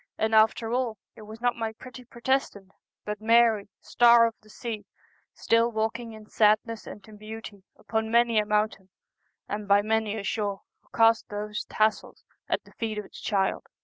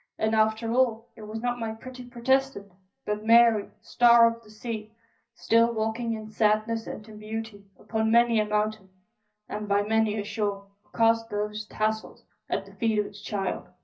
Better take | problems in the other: first | room echo; dies away in 0.4 s

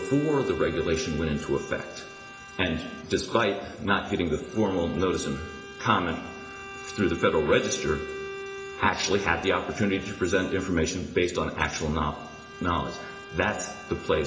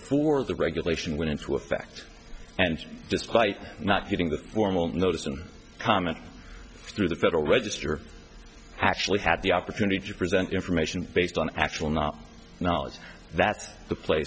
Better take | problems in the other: second | background sound (Bowed string instrument); 13 dB below the speech // room echo; dies away in 0.8 s

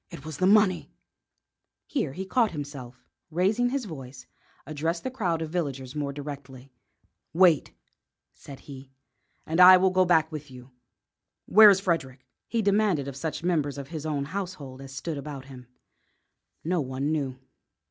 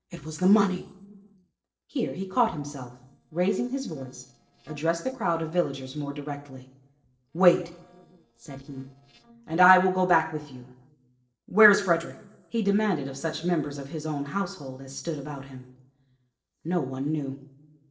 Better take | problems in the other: first | noise reduction (neural separator model SepFormer DNS4)

